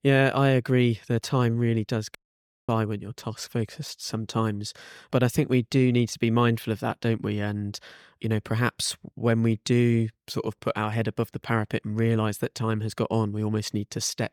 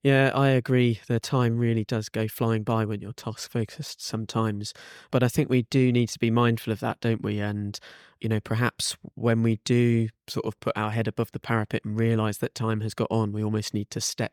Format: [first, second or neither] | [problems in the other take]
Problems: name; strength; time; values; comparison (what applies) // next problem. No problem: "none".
second | audio cutting out; at 2 s for 0.5 s